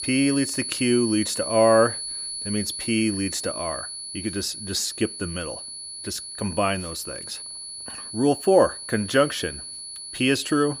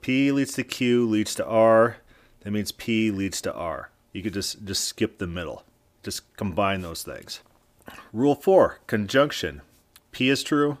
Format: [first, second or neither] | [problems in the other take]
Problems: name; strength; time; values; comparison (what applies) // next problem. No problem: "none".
second | high-pitched whine; loud; throughout; 4.5 kHz, 8 dB below the speech